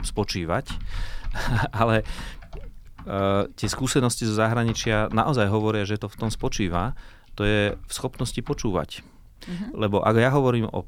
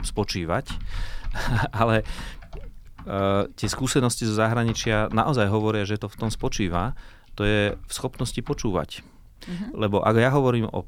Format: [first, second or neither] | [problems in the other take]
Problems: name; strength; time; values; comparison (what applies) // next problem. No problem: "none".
neither | household noises; noticeable; throughout; 15 dB below the speech; the same in both